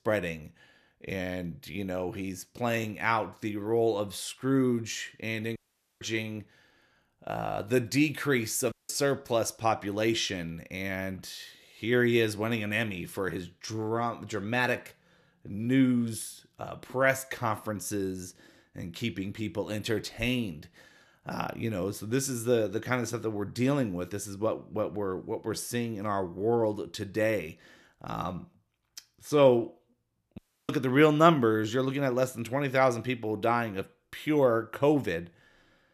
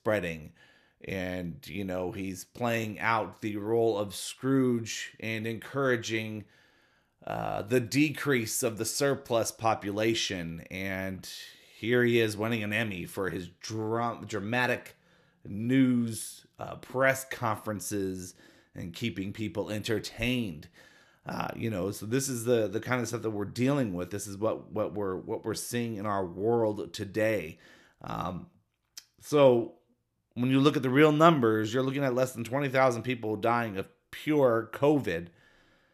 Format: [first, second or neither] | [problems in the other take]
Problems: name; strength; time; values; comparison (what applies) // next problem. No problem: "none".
second | audio cutting out; at 5.5 s, at 8.5 s and at 30 s